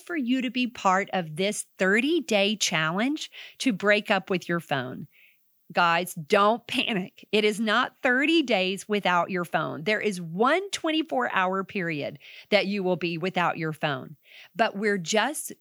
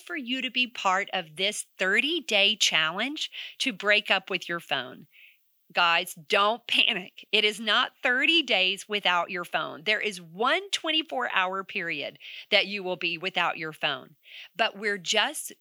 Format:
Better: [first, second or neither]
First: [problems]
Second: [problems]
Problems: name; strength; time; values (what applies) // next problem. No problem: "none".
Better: first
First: none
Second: thin; very slightly; fading below 1 kHz